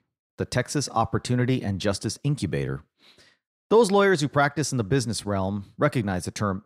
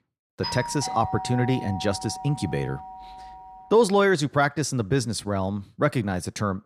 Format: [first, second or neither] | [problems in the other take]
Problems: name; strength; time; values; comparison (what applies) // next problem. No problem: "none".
first | doorbell; noticeable; until 3.5 s; peak 7 dB below the speech